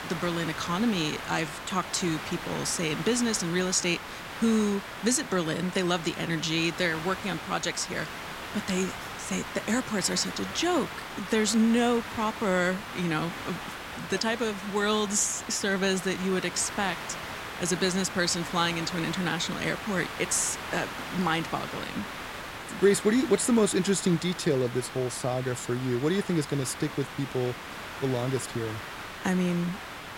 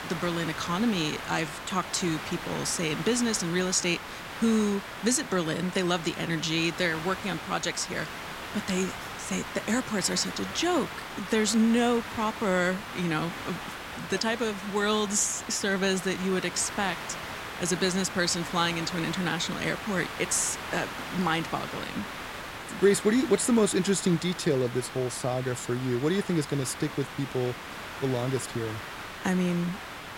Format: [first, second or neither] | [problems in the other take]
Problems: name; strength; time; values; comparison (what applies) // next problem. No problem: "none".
neither | hiss; loud; throughout; 9 dB below the speech; the same in both